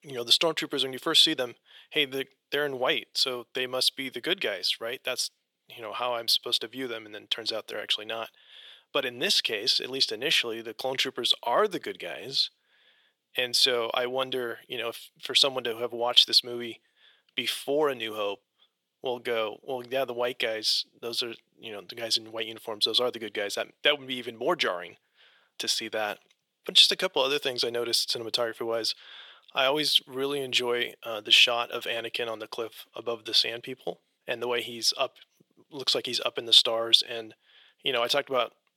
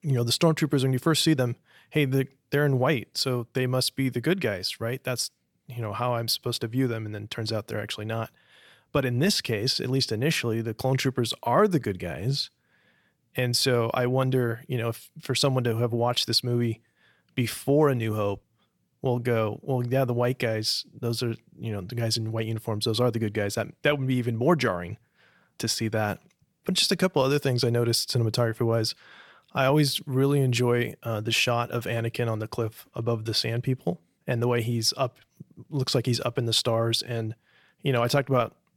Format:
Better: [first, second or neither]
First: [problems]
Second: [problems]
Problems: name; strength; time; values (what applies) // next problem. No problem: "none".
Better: second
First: thin; very; fading below 450 Hz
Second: none